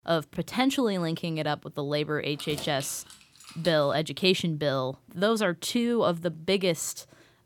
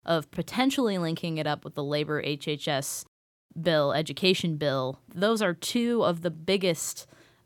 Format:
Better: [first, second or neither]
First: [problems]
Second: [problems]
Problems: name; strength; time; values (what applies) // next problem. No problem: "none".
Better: second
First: jangling keys; faint; from 2.5 to 4 s; peak 10 dB below the speech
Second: none